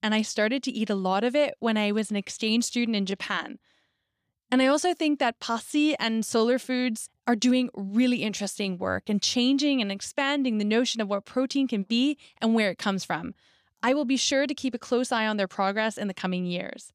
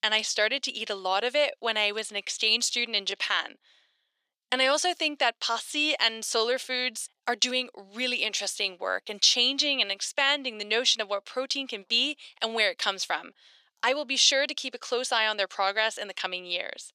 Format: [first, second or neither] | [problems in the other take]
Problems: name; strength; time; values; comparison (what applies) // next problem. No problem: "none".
first | thin; very; fading below 450 Hz